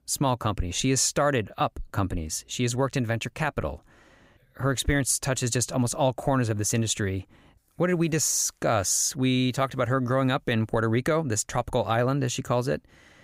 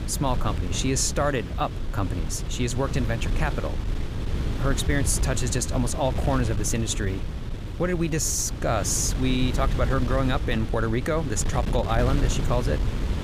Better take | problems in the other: first | wind noise on the microphone; occasional gusts; 10 dB below the speech

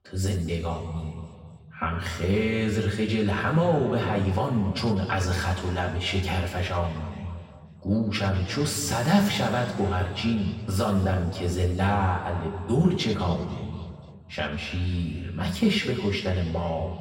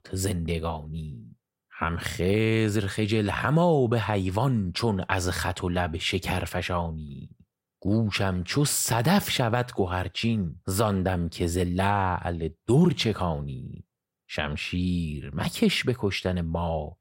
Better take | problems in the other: second | room echo; noticeable; dies away in 2.2 s // off-mic speech; far

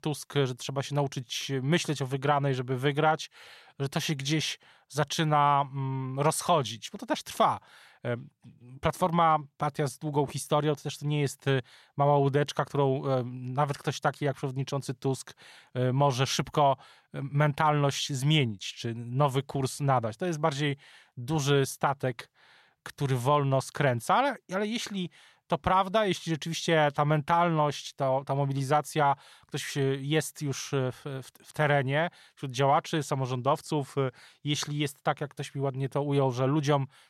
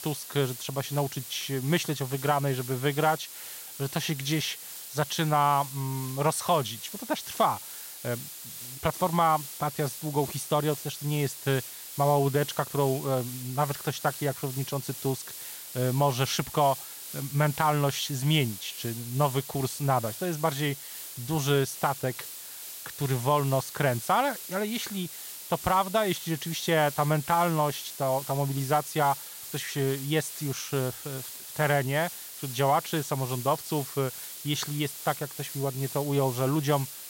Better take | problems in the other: first | hiss; loud; throughout; 10 dB below the speech

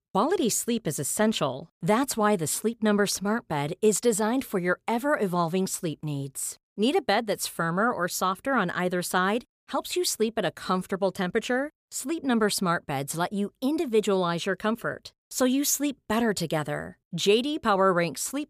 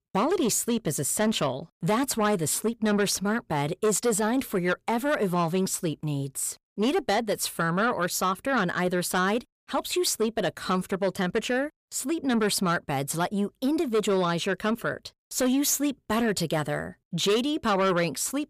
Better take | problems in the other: first | distortion; slight; 10 dB below the speech

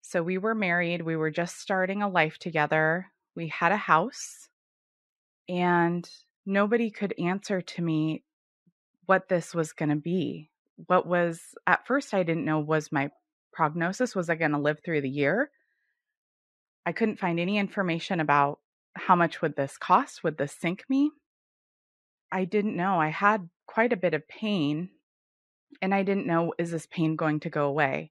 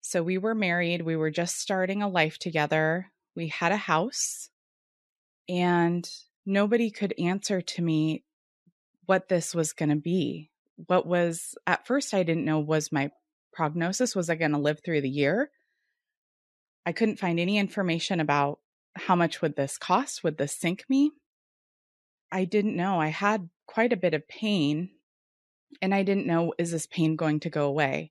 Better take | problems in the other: second | muffled; slightly; fading above 3.5 kHz

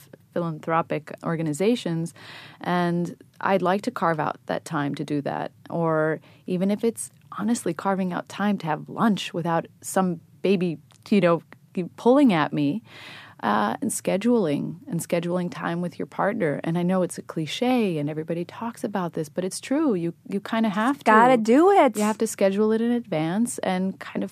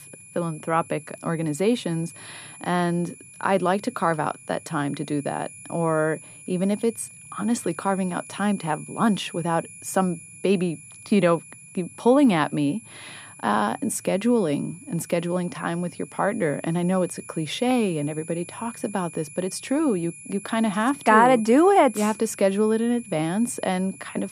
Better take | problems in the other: first | high-pitched whine; noticeable; throughout; 10.5 kHz, 15 dB below the speech

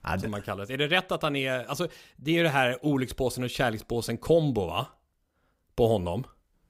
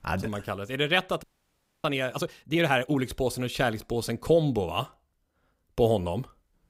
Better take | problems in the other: first | audio freezing; at 1 s for 0.5 s

